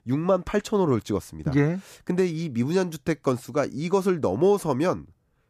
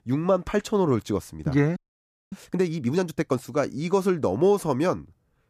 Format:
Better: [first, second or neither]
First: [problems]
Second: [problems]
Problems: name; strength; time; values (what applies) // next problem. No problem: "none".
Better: first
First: none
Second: audio freezing; at 2 s for 0.5 s